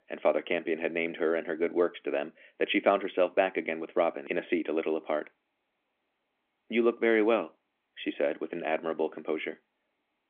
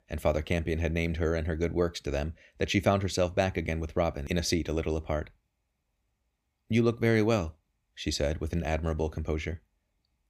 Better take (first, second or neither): second